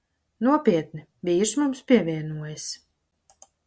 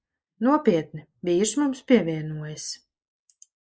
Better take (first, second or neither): first